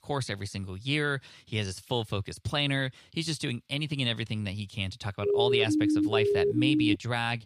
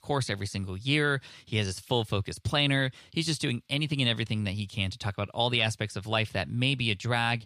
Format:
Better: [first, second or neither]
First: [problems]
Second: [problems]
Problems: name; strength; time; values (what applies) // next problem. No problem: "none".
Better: second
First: siren; loud; from 5 to 7 s; peak 6 dB above the speech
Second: none